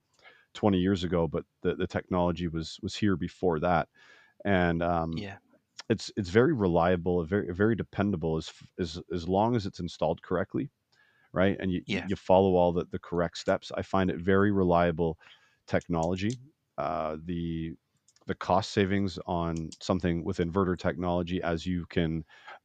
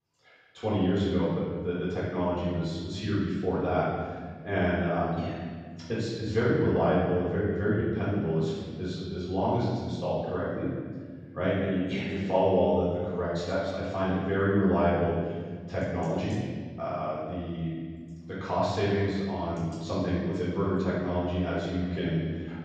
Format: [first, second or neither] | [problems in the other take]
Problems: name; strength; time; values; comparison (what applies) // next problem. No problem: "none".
first | off-mic speech; far // room echo; strong; dies away in 1.9 s